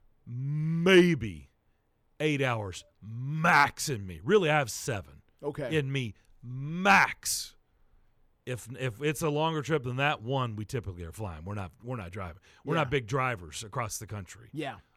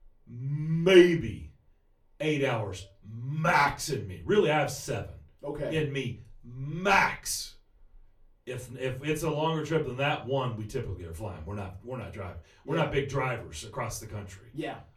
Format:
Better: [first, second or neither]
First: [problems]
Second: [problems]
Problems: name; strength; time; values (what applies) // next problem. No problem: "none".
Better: first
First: none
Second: off-mic speech; far // room echo; very slight; dies away in 0.2 s